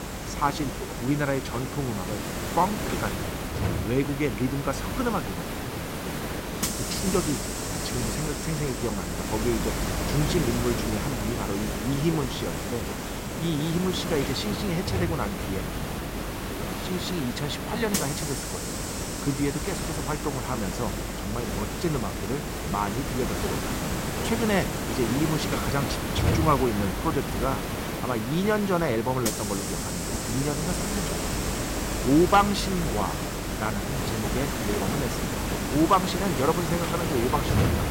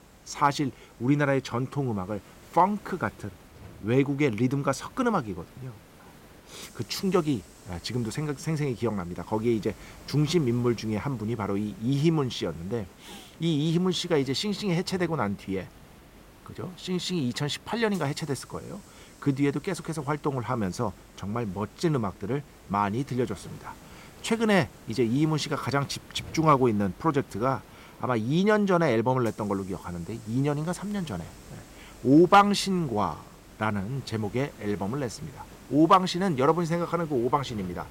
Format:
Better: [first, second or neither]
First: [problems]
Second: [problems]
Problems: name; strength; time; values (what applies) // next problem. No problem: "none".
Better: second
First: hiss; loud; throughout; 1 dB below the speech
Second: hiss; faint; throughout; 20 dB below the speech